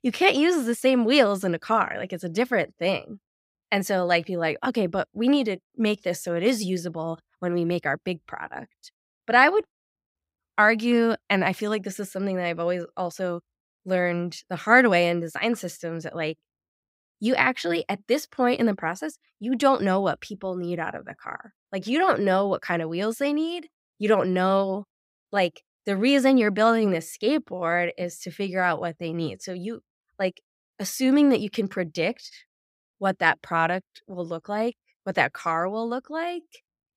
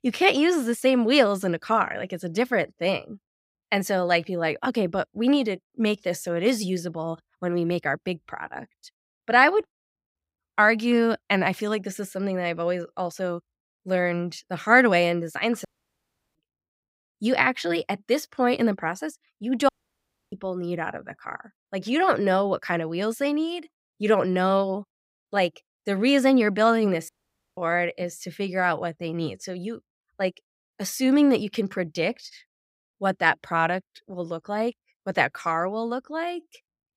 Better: first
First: none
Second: audio cutting out; at 16 s for 0.5 s, at 20 s for 0.5 s and at 27 s

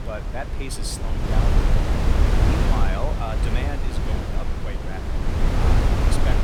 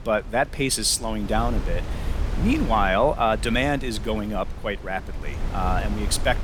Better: second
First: wind noise on the microphone; heavy; 3 dB above the speech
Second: wind noise on the microphone; occasional gusts; 15 dB below the speech

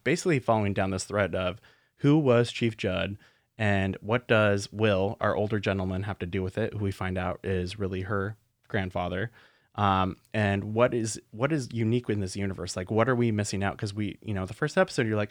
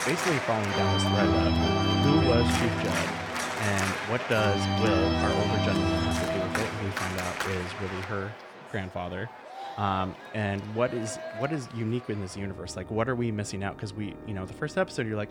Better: first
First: none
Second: background music; very loud; throughout; 3 dB above the speech

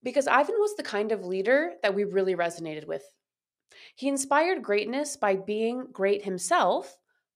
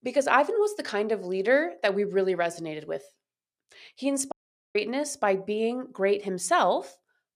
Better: first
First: none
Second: audio cutting out; at 4.5 s

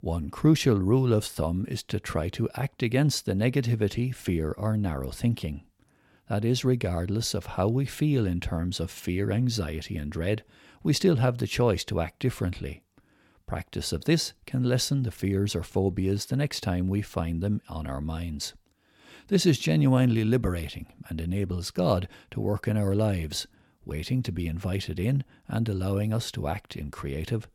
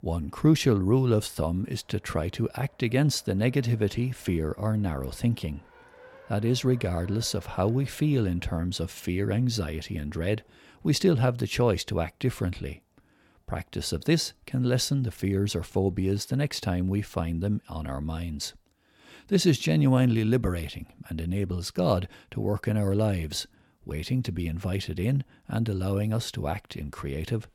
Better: first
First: none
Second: traffic noise; faint; throughout; 30 dB below the speech

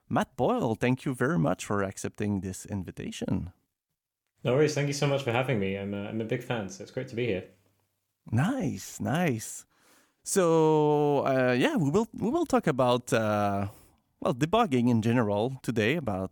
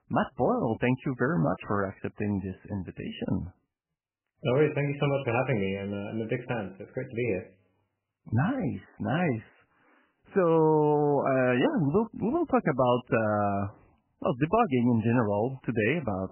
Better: first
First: none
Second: garbled, watery; badly; nothing above 3 kHz

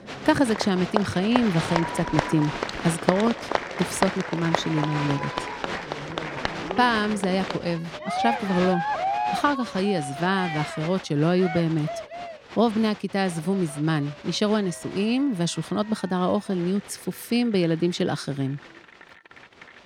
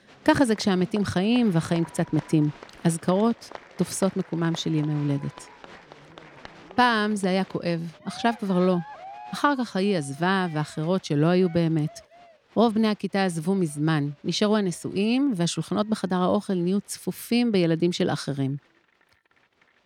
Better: second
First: crowd noise; loud; throughout; 5 dB below the speech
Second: crowd noise; faint; throughout; 20 dB below the speech

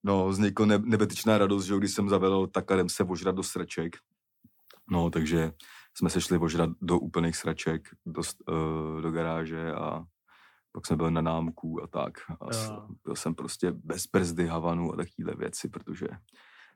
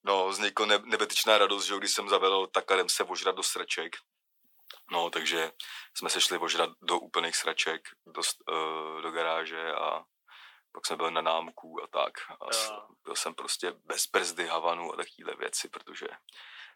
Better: first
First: none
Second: thin; very; fading below 550 Hz

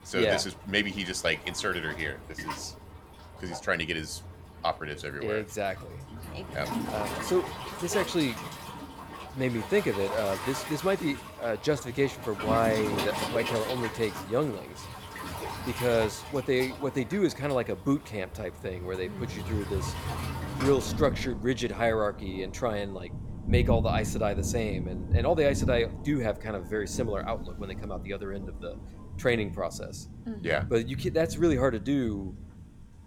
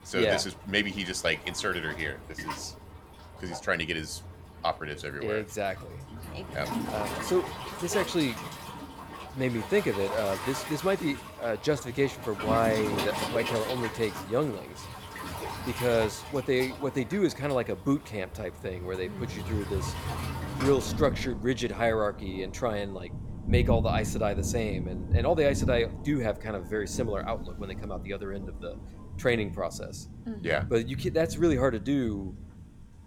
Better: neither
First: rain or running water; loud; throughout; 7 dB below the speech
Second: rain or running water; loud; throughout; 7 dB below the speech

